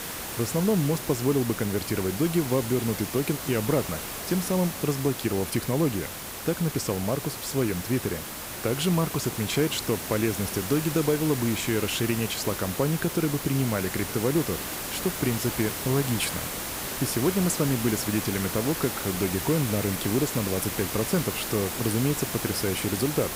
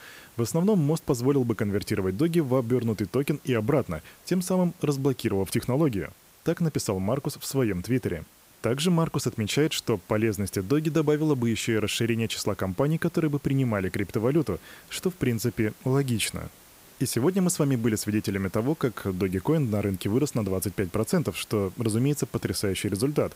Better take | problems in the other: second | hiss; loud; throughout; 5 dB below the speech; faint in the second

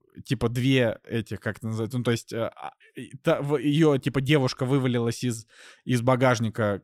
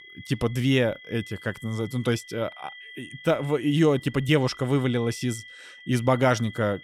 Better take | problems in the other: first | high-pitched whine; noticeable; throughout; 2 kHz, 20 dB below the speech

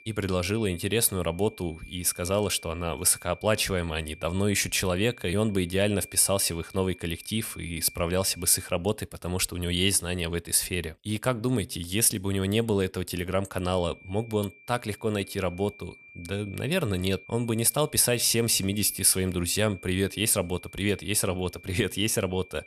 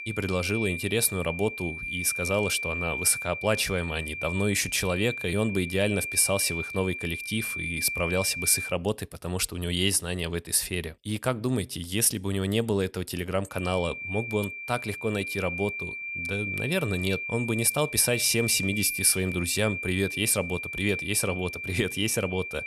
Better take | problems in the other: first | high-pitched whine; loud; until 8.5 s and from 14 s on; 2.5 kHz, 5 dB below the speech; faint in the first

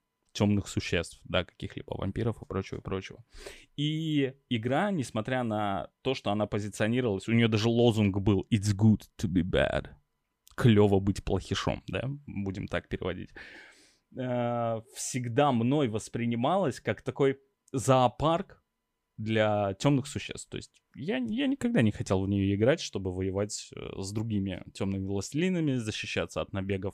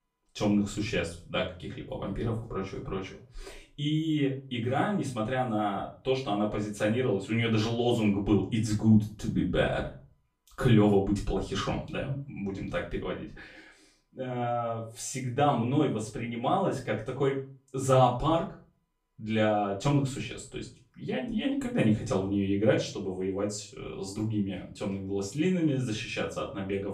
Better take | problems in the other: first | room echo; slight; dies away in 0.3 s // off-mic speech; far

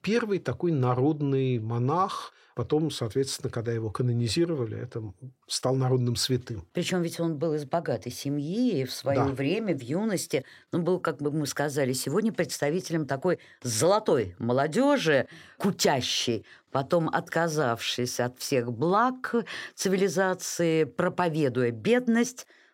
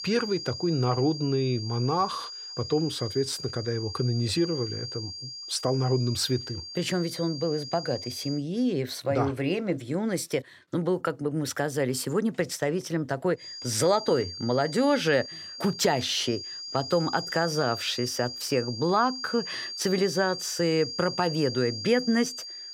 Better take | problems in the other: first | high-pitched whine; loud; until 8.5 s and from 13 s on; 5 kHz, 8 dB below the speech

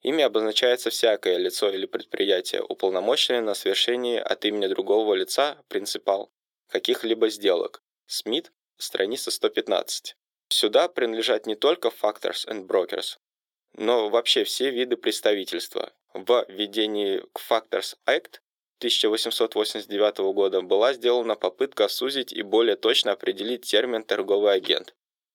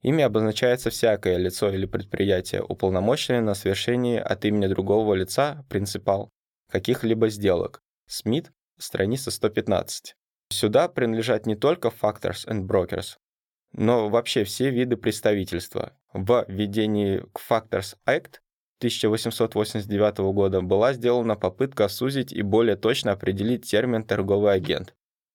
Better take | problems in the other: second | thin; somewhat; fading below 350 Hz

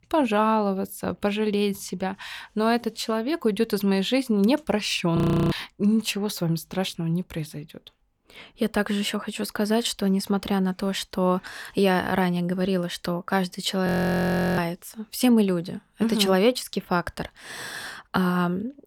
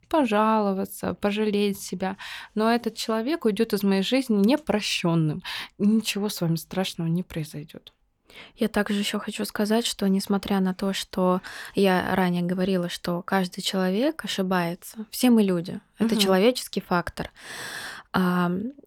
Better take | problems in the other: second | audio freezing; at 5 s and at 14 s for 0.5 s

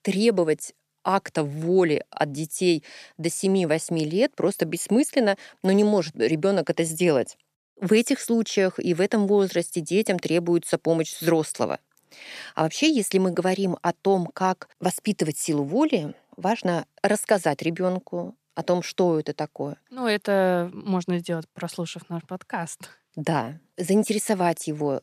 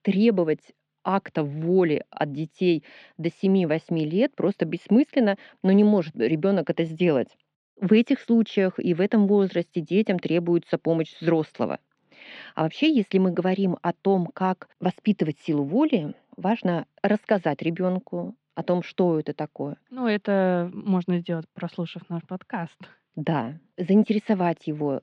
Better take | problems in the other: first | muffled; slightly; fading above 3.5 kHz

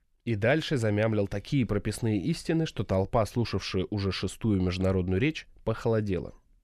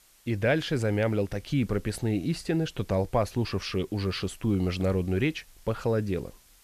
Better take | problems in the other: first | hiss; faint; throughout; 30 dB below the speech

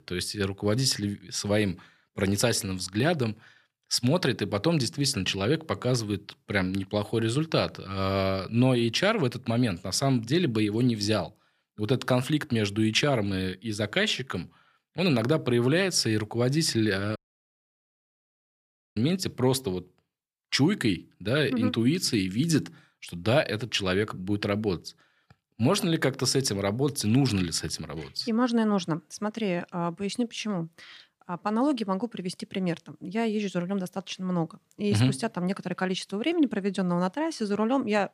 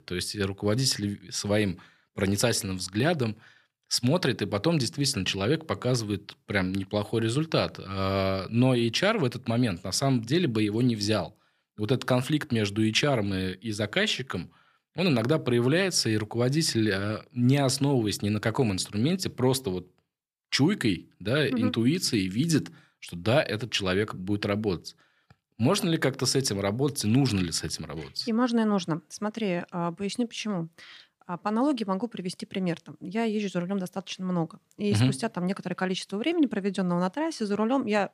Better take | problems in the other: second | audio cutting out; at 17 s for 2 s

